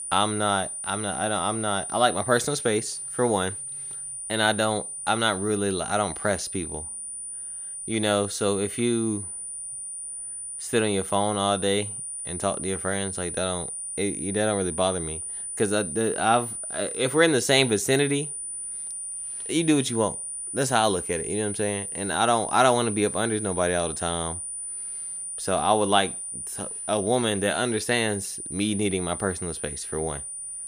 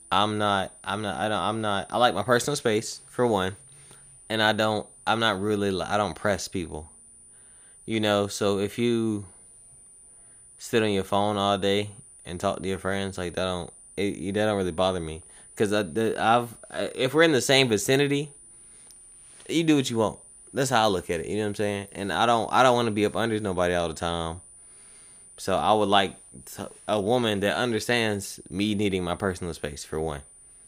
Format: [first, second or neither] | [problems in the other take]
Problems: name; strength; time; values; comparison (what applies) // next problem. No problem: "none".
second | high-pitched whine; loud; throughout; 9.5 kHz, 6 dB below the speech; faint in the second